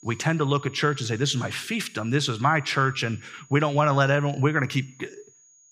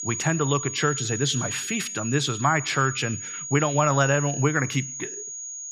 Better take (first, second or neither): first